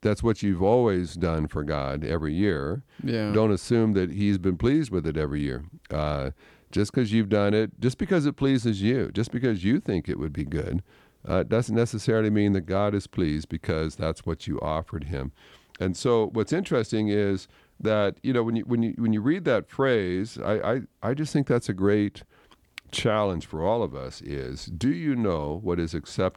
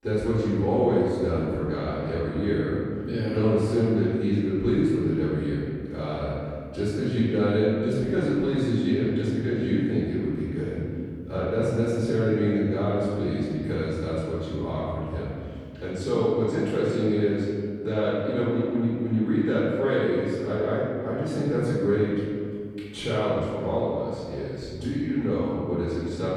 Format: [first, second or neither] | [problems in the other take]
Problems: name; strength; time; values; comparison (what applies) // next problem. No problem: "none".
first | off-mic speech; far // room echo; strong; dies away in 2.1 s